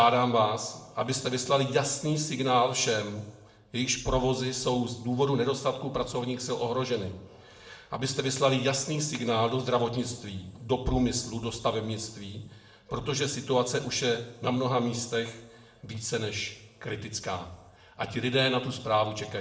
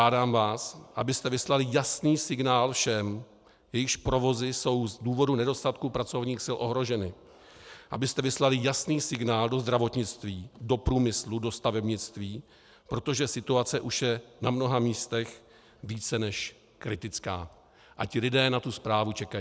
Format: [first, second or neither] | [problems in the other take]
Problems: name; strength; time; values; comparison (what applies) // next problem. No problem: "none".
second | room echo; dies away in 0.6 s